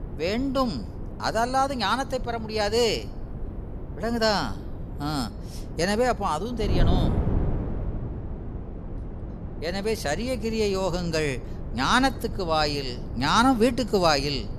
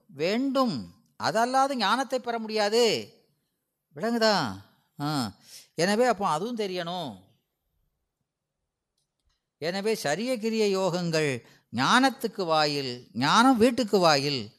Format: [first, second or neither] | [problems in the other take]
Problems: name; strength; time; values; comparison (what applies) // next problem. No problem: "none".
second | wind noise on the microphone; occasional gusts; 15 dB below the speech